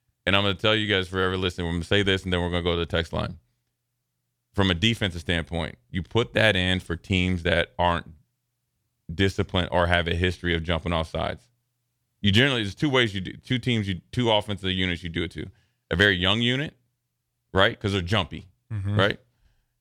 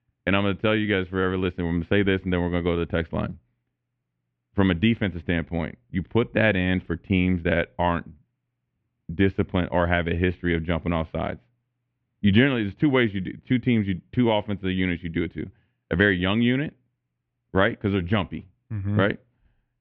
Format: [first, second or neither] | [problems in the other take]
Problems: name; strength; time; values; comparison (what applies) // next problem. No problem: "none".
first | muffled; very; fading above 2.5 kHz